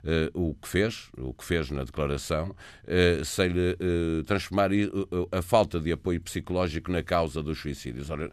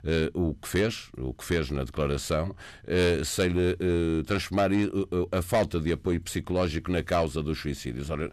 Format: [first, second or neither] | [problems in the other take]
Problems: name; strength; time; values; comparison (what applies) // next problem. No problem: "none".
first | distortion; slight; 10 dB below the speech